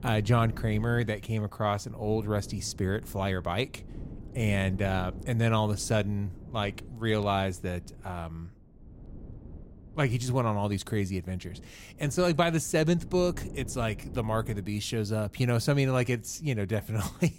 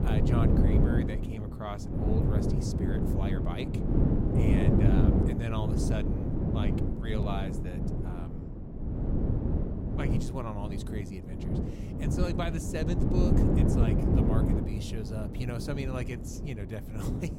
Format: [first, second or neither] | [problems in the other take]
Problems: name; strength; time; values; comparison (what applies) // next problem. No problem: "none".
first | wind noise on the microphone; heavy; 3 dB above the speech; occasional gusts in the first